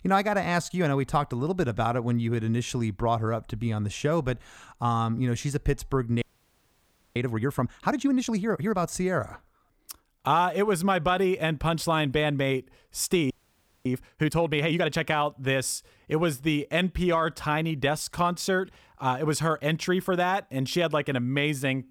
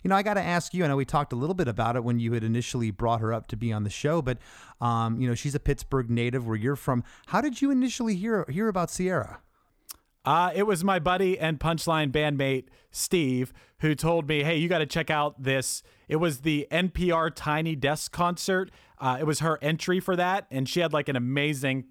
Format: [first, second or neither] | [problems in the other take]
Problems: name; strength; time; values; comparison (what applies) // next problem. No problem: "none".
second | audio freezing; at 6 s for 1 s and at 13 s for 0.5 s